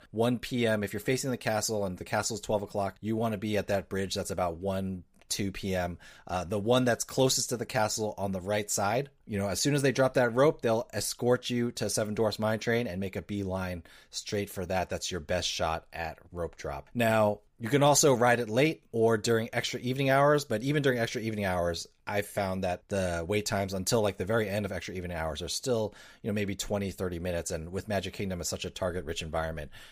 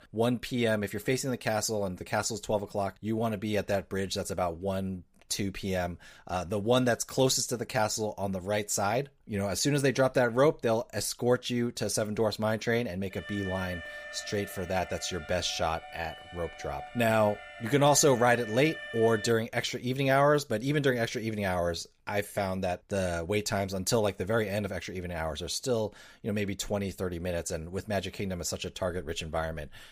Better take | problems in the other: first | alarm; noticeable; from 13 to 19 s; peak 9 dB below the speech

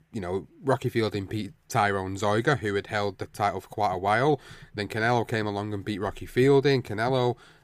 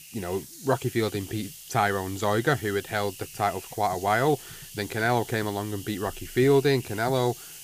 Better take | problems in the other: first | hiss; noticeable; throughout; 15 dB below the speech

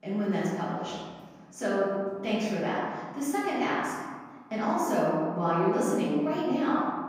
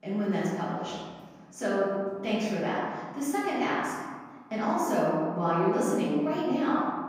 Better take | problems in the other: neither | room echo; strong; dies away in 1.6 s; the same in both // off-mic speech; far; the same in both

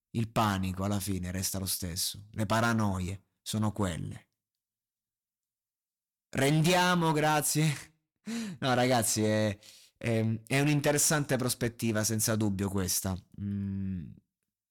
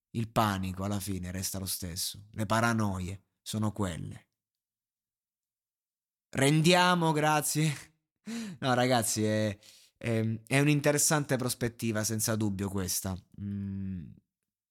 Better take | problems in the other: second | distortion; slight; 5% of the sound clipped

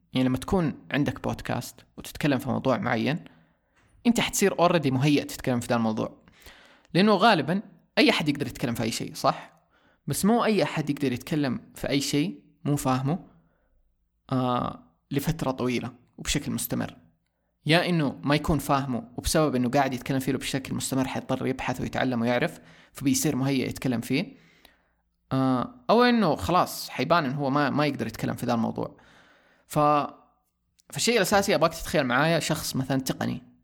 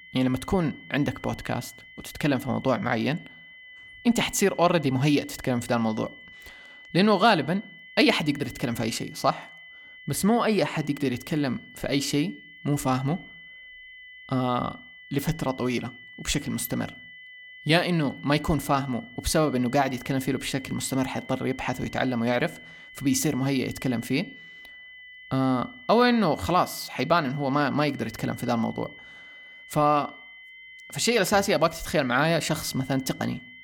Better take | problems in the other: first | high-pitched whine; noticeable; throughout; 2 kHz, 20 dB below the speech

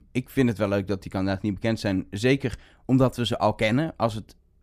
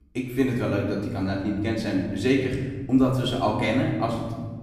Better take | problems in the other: first | room echo; noticeable; dies away in 1.3 s // off-mic speech; far

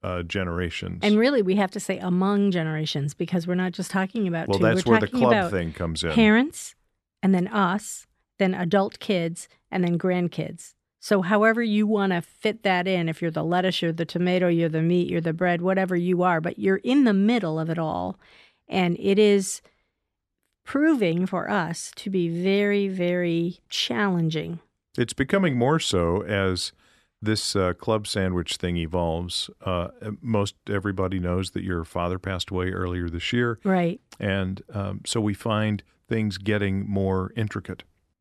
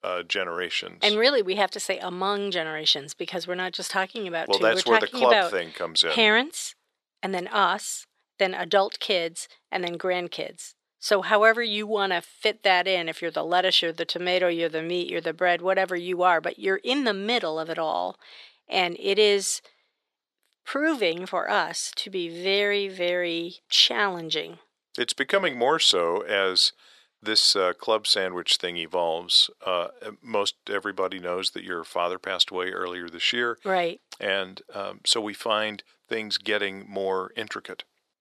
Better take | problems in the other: first | thin; very; fading below 550 Hz

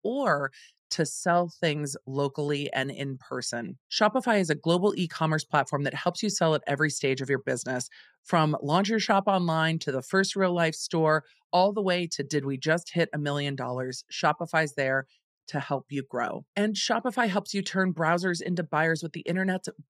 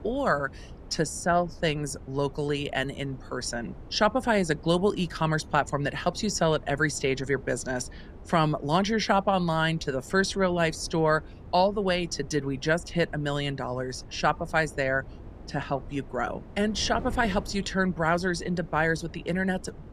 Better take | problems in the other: first | wind noise on the microphone; occasional gusts; 25 dB below the speech

